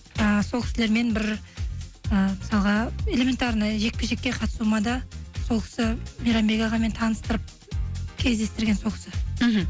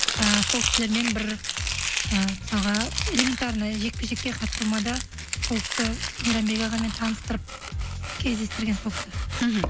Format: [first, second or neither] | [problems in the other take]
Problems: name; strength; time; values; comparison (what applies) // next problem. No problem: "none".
first | background sound (Domestic sounds, home sounds); 3 dB below the speech